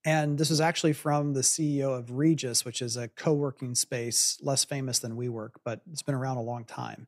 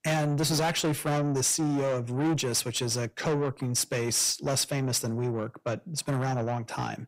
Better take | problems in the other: first | distortion; heavy; 6 dB below the speech

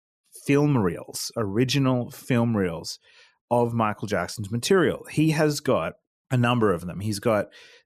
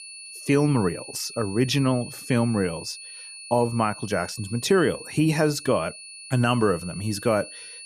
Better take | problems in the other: first | high-pitched whine; noticeable; throughout; 9.5 kHz, 15 dB below the speech

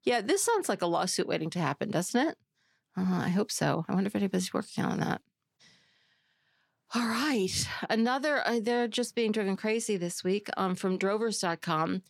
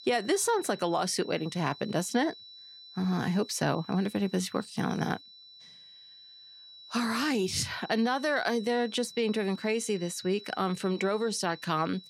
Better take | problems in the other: first | high-pitched whine; noticeable; throughout; 4 kHz, 15 dB below the speech

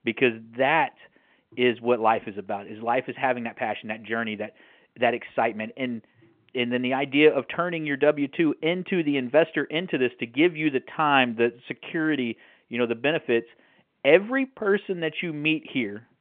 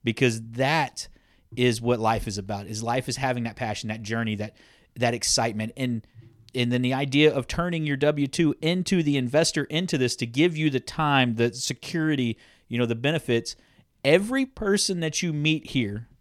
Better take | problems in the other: second | phone-call audio

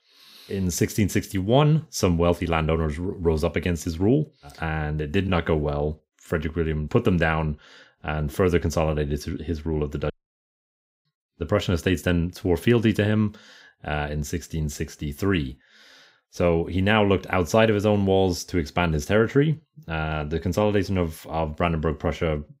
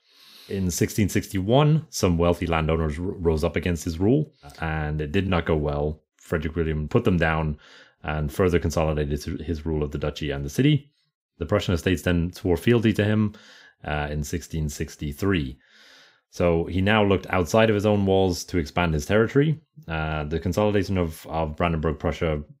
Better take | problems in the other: second | audio cutting out; at 10 s for 1 s

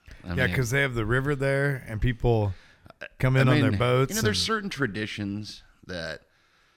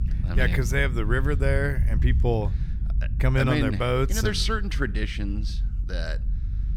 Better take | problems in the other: first | low rumble; noticeable; throughout; 20 dB below the speech

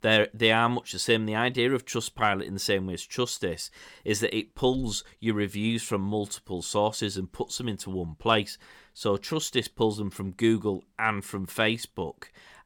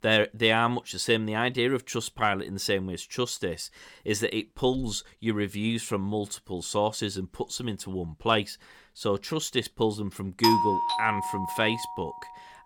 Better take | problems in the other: first | doorbell; loud; from 10 to 12 s; peak 5 dB above the speech

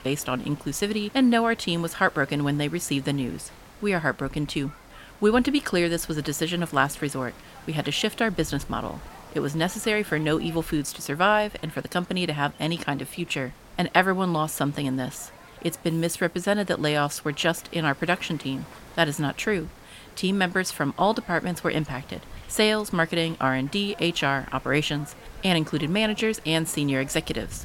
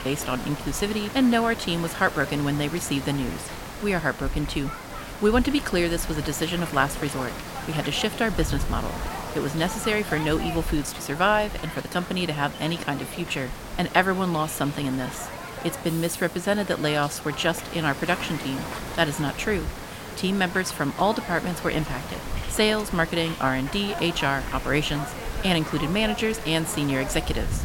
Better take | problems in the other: first | hiss; loud; throughout; 9 dB below the speech; faint in the first

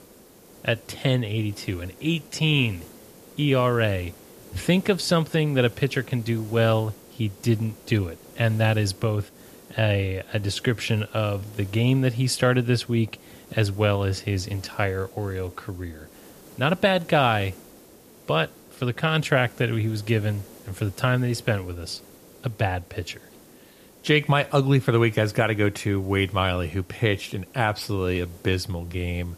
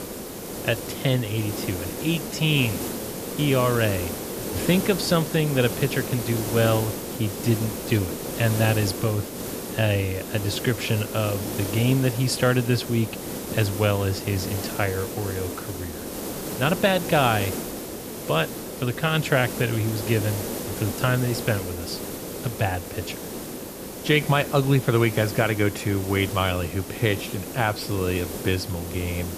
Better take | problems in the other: first | hiss; loud; throughout; 7 dB below the speech; faint in the first

